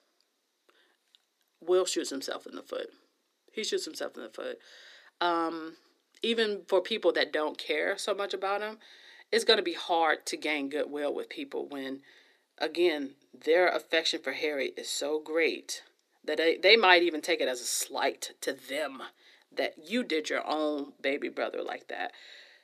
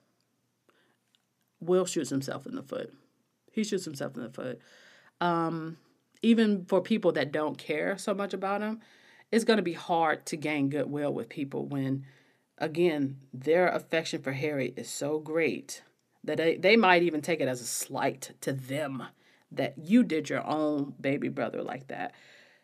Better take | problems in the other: second | thin; somewhat; fading below 350 Hz

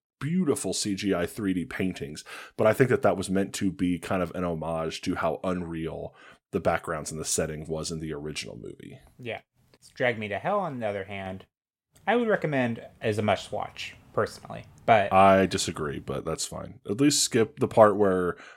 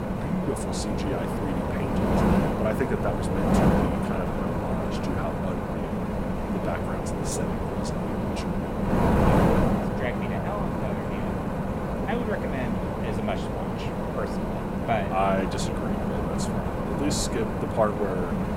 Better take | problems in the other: first | wind noise on the microphone; heavy; 3 dB above the speech

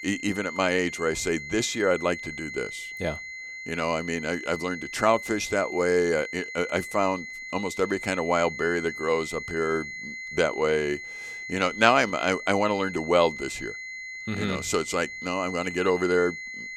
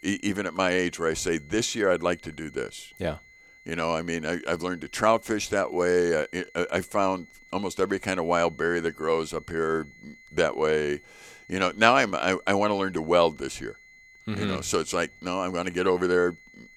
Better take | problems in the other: second | high-pitched whine; loud; throughout; 2 kHz, 9 dB below the speech; faint in the second

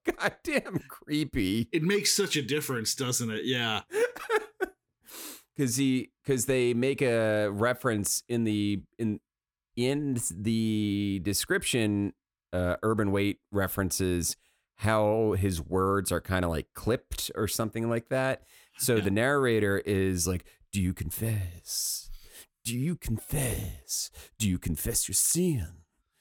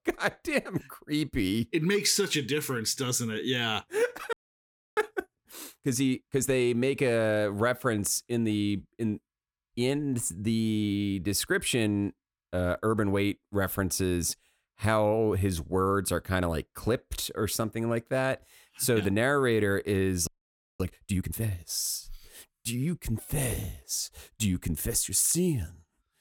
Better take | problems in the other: first | audio freezing; at 4.5 s for 0.5 s and at 20 s for 0.5 s

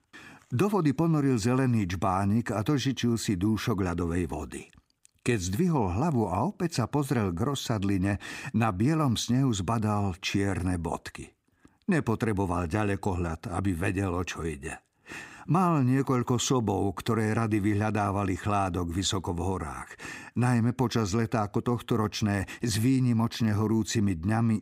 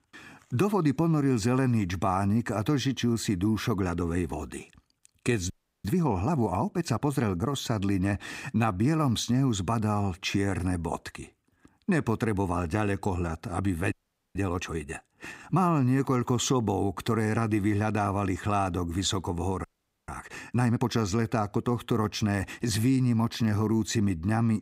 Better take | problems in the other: first | audio freezing; at 5.5 s, at 14 s and at 20 s

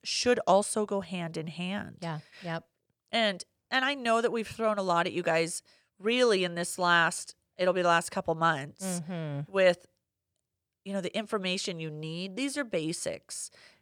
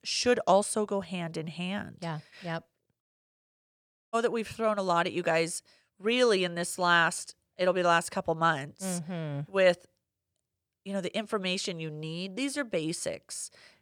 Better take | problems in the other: first | audio cutting out; at 3 s for 1 s

